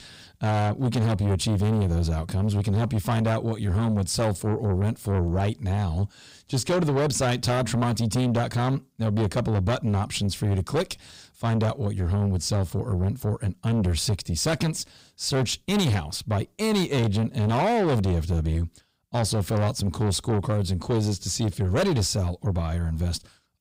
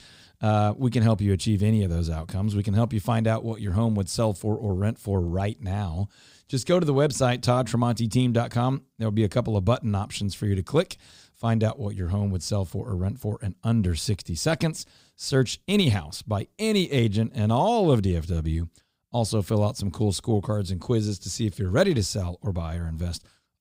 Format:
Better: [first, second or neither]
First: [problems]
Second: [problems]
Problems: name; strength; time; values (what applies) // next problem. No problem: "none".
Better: second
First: distortion; heavy; 8 dB below the speech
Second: none